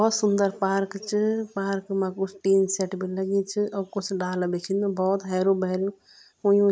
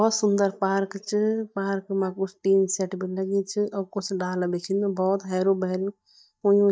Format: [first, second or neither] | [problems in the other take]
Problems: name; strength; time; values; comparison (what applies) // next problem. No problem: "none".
first | noise reduction (neural mask model DeepFilterNet 3)